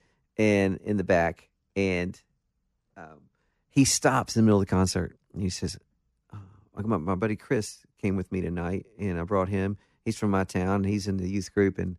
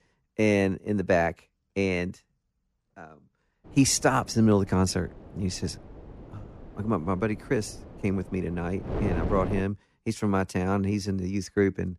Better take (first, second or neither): first